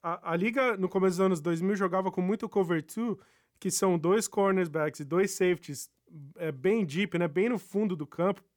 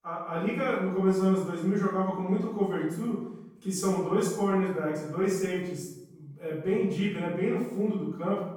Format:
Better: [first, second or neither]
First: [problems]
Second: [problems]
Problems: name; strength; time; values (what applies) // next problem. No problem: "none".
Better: first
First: none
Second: off-mic speech; far // room echo; noticeable; dies away in 0.7 s